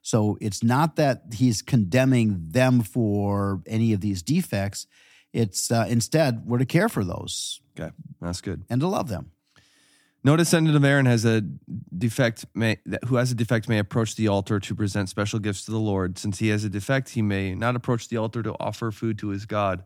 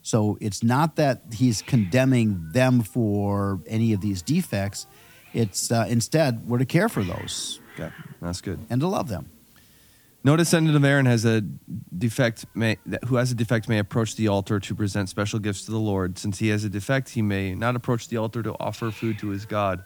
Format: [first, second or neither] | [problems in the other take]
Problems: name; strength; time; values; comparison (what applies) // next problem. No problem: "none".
first | hiss; faint; throughout; 25 dB below the speech